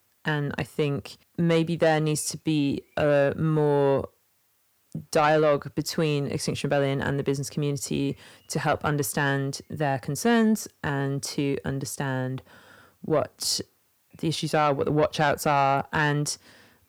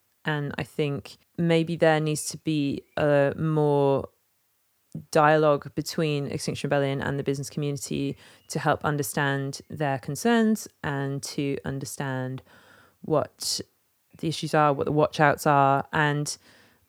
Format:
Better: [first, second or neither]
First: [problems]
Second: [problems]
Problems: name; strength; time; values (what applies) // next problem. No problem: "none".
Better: second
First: distortion; slight; 10 dB below the speech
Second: none